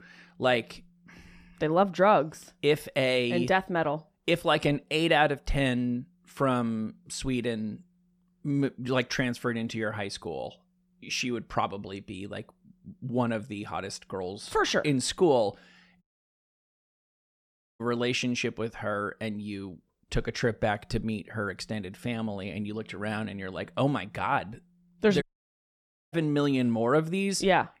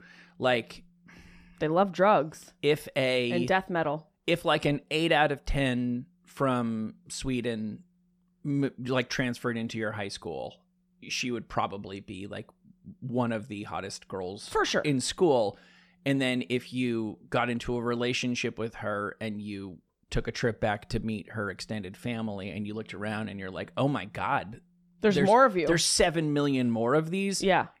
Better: second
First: audio cutting out; at 16 s for 2 s and at 25 s for 1 s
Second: none

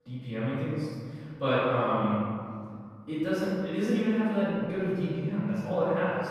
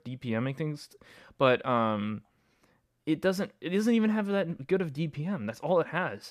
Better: second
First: off-mic speech; far // room echo; strong; dies away in 2.2 s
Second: none

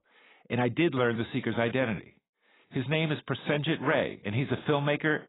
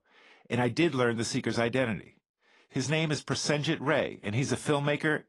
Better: second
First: garbled, watery; badly; nothing above 4 kHz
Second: garbled, watery; slightly; nothing above 10.5 kHz

